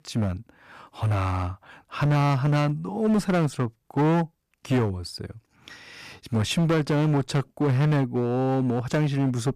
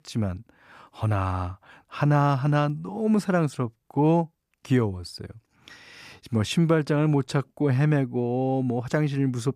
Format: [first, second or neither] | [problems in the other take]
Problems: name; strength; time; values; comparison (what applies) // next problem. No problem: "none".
second | distortion; slight; 12% of the sound clipped